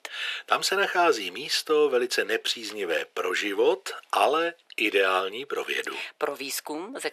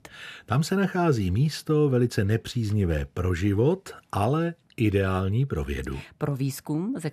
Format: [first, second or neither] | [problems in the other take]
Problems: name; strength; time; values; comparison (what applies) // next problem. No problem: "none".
second | thin; very; fading below 450 Hz